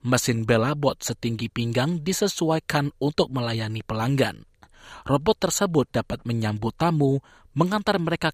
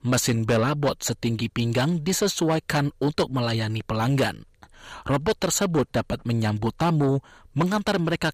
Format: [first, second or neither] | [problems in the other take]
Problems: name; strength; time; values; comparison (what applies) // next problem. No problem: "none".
first | distortion; slight; 10 dB below the speech